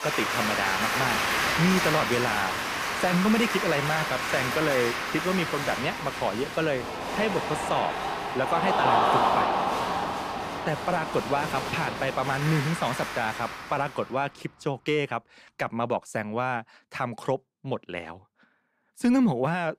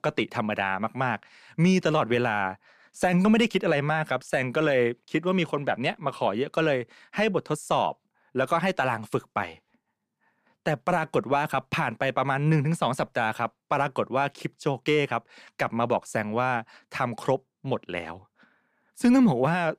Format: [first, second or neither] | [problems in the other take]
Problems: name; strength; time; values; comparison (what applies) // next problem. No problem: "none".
second | crowd noise; very loud; until 13 s; 1 dB above the speech